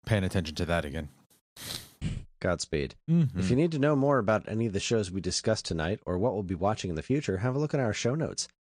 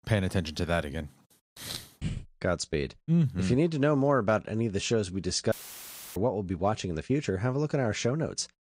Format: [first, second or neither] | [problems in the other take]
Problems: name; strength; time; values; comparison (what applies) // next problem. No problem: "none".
first | audio cutting out; filled with static; at 5.5 s for 0.5 s